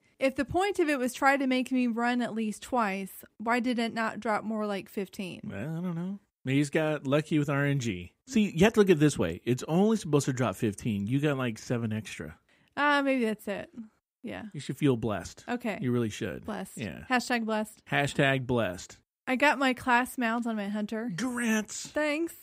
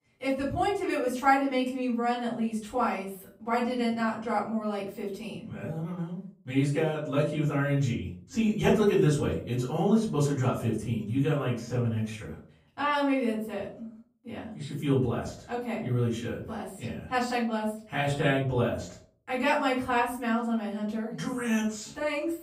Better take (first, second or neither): first